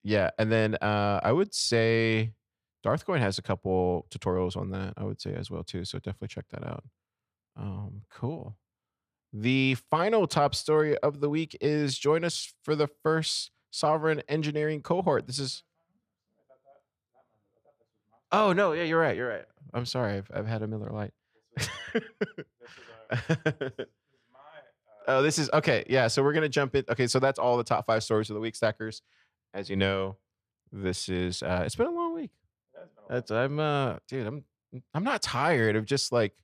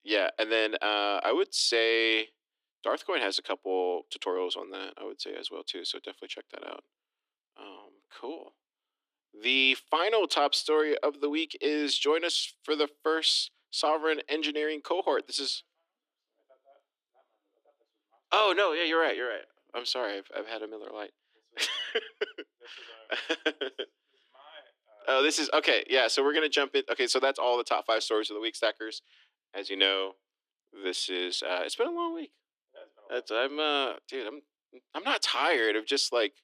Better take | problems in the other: first | thin; somewhat; fading below 300 Hz

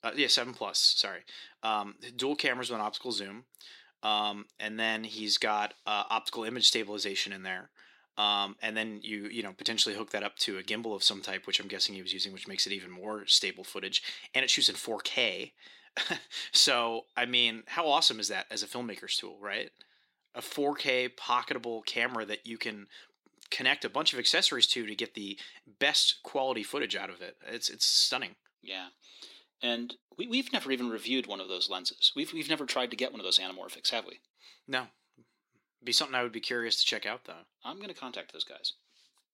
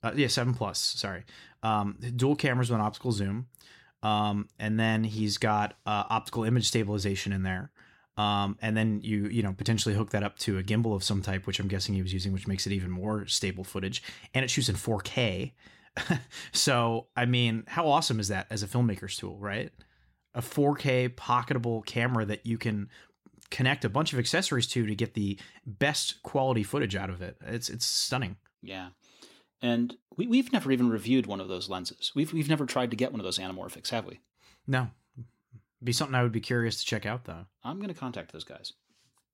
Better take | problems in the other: second | thin; somewhat; fading below 300 Hz

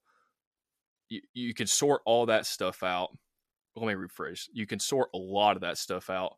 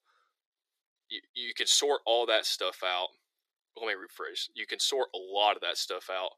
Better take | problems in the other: first | thin; very; fading below 350 Hz

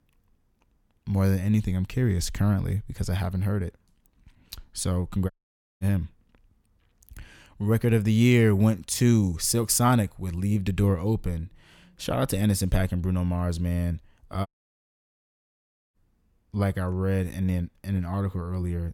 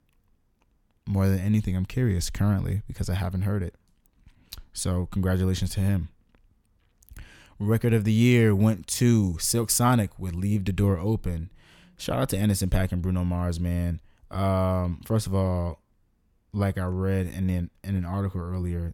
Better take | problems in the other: second | audio cutting out; at 5.5 s for 0.5 s and at 14 s for 1.5 s

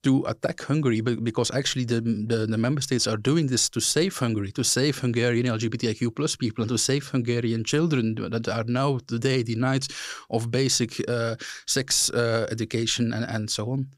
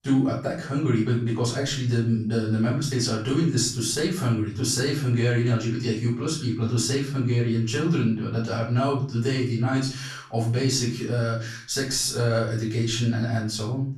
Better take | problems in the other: first | off-mic speech; far // room echo; noticeable; dies away in 0.4 s

